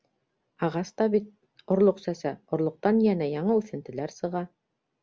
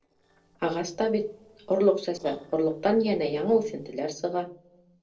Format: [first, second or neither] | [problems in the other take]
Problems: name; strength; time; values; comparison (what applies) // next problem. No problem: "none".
first | noise reduction (neural separator model SepFormer DNS4)